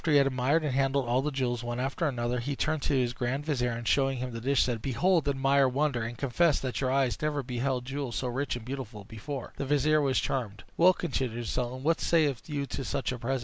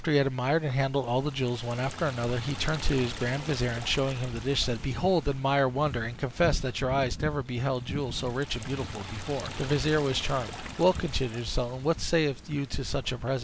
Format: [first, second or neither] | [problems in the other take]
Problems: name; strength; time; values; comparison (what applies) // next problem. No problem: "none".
first | background sound (Wind / Ocean + Liquid); 12 dB below the speech